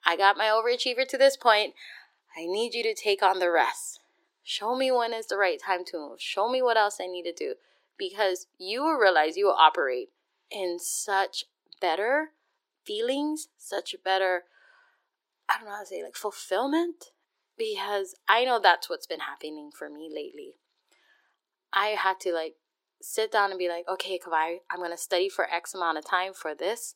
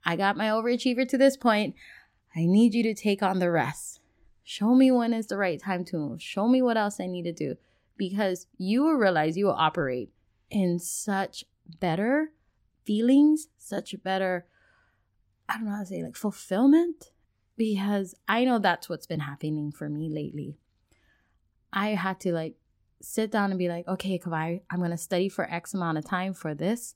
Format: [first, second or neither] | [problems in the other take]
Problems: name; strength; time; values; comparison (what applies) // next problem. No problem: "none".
second | thin; very; fading below 350 Hz